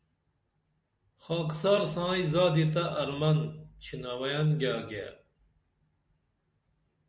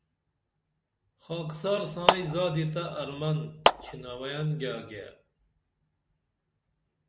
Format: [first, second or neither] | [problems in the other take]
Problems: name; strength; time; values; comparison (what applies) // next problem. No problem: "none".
first | background sound (Clapping); 5 dB above the speech